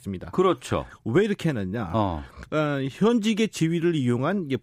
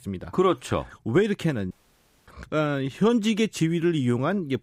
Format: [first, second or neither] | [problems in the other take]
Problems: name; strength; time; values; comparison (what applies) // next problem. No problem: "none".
first | audio cutting out; at 1.5 s for 0.5 s